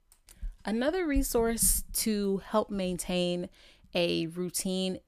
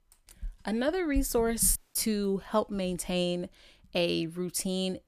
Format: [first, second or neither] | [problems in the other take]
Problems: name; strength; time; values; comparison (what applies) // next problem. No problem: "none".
first | audio cutting out; at 2 s